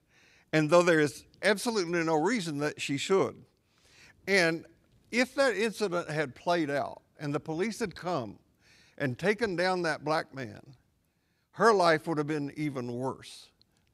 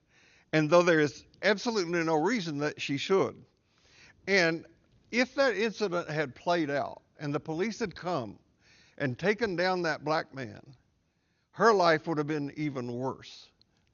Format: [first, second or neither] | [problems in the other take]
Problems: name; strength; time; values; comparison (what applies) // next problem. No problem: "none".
first | garbled, watery; slightly; nothing above 6.5 kHz